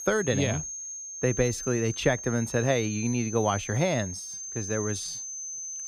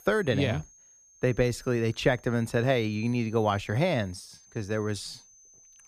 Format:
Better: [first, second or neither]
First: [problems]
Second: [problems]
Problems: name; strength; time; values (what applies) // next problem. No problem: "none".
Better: second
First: high-pitched whine; loud; throughout; 6.5 kHz, 7 dB below the speech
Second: high-pitched whine; faint; throughout; 6.5 kHz, 25 dB below the speech